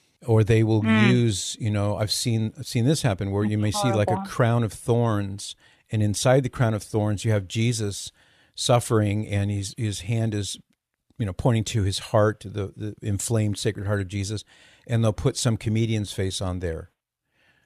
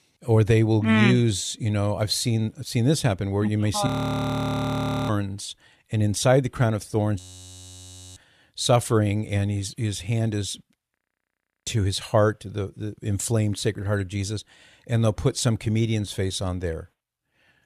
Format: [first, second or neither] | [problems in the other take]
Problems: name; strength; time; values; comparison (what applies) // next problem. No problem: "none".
first | audio freezing; at 4 s for 1 s, at 7 s for 1 s and at 11 s for 0.5 s